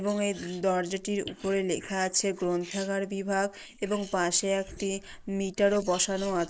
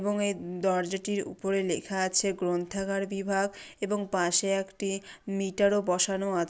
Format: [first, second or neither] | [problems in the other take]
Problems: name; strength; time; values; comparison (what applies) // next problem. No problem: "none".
second | noise reduction (neural mask model Resemble Enhance denoiser)